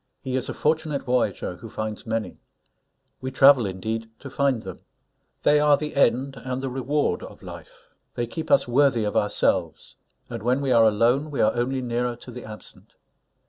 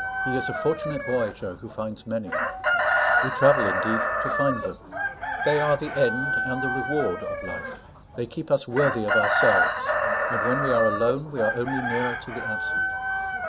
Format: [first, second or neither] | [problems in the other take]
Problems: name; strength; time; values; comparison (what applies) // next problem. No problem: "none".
first | background sound (Chicken, rooster); 1 dB above the speech